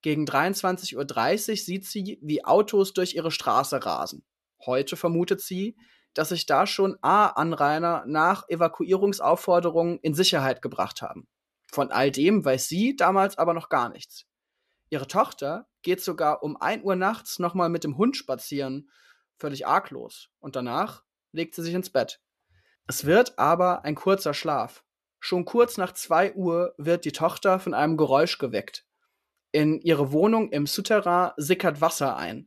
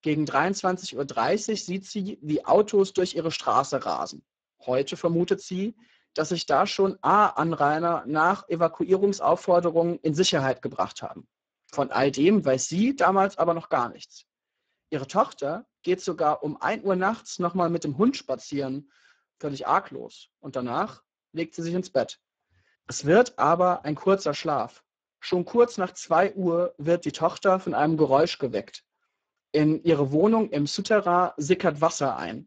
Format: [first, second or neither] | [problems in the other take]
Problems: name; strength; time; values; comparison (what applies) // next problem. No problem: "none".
first | garbled, watery; badly; nothing above 7.5 kHz